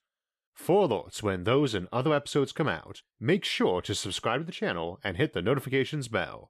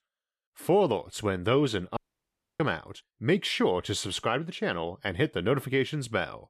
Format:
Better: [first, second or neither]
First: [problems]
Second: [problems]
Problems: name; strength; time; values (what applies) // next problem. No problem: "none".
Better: first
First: none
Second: audio cutting out; at 2 s for 0.5 s